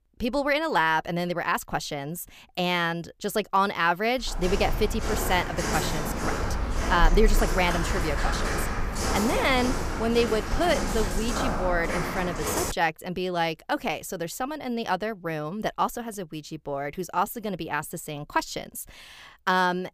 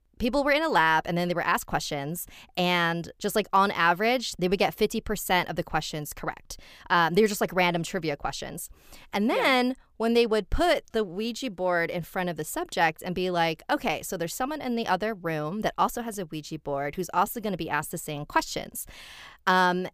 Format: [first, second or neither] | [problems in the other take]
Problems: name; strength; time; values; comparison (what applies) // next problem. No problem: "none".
second | footsteps; loud; from 4 to 13 s; peak 2 dB above the speech